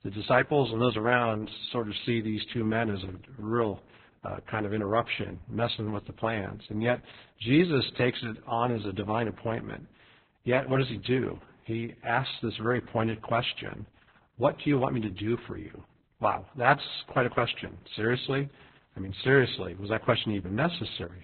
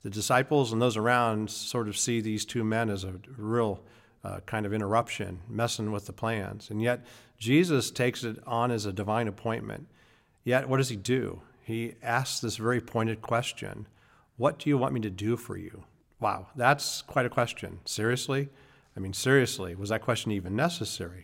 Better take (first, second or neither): second